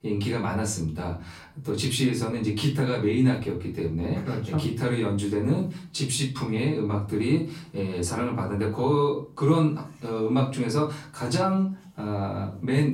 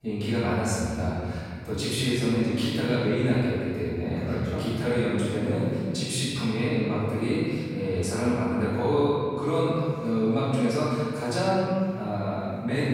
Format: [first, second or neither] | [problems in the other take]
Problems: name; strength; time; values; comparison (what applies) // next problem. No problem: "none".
first | room echo; strong; dies away in 2.1 s; slight in the first // off-mic speech; far; far in the first